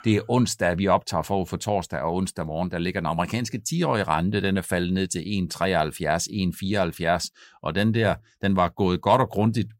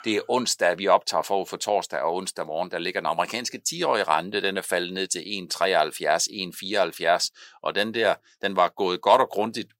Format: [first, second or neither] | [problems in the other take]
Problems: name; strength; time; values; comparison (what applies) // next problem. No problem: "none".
first | thin; somewhat; fading below 450 Hz